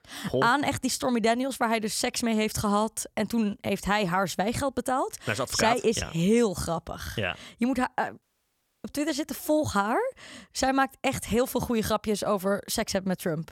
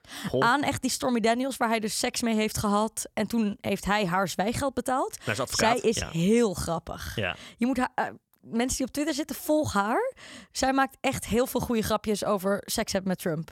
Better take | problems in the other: second | audio cutting out; at 8 s for 0.5 s

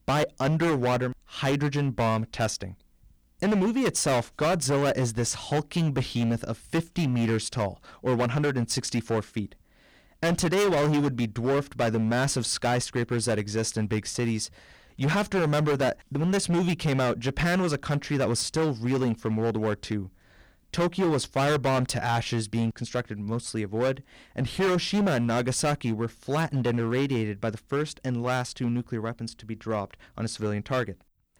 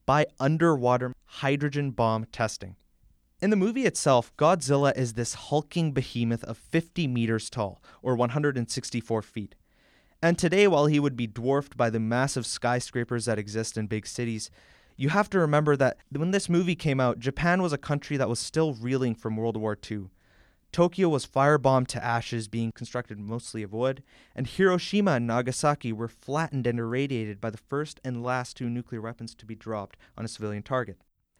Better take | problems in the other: second | distortion; heavy; 15% of the sound clipped

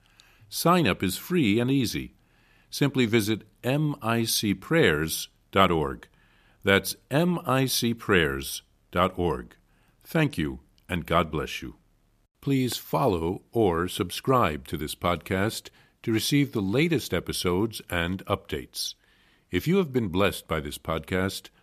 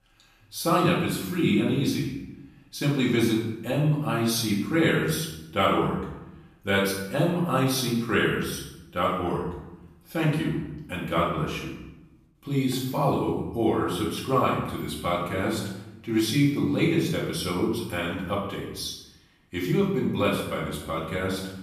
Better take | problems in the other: first | off-mic speech; far // room echo; noticeable; dies away in 0.8 s

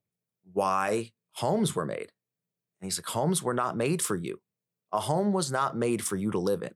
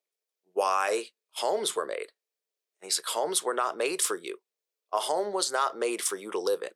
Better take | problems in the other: first | thin; very; fading below 400 Hz

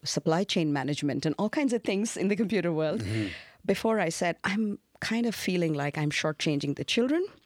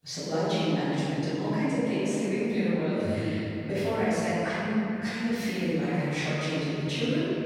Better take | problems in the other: first | room echo; strong; dies away in 2.9 s // off-mic speech; far

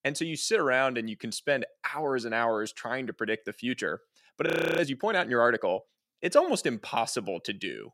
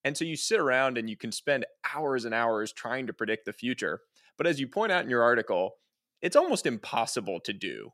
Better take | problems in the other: second | audio freezing; at 4.5 s

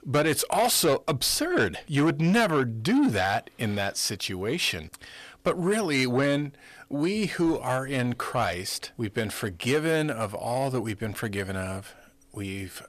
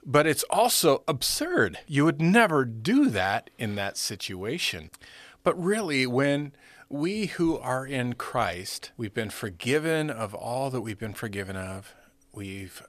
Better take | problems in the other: second | distortion; slight; 10 dB below the speech

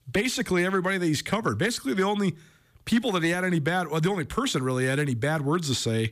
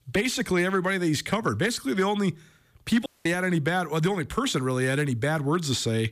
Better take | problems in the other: first | audio cutting out; at 3 s

